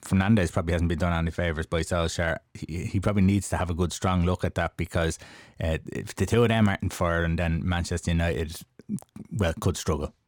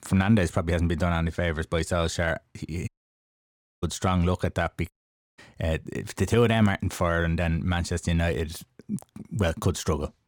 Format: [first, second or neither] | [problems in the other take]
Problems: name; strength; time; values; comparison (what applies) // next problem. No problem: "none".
first | audio cutting out; at 3 s for 1 s and at 5 s